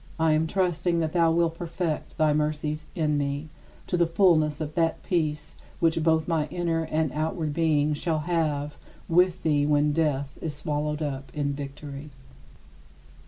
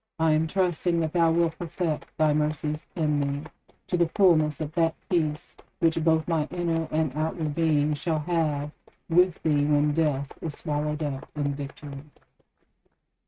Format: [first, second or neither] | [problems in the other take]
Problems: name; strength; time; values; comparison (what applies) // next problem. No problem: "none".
first | noise reduction (neural mask model RNNoise)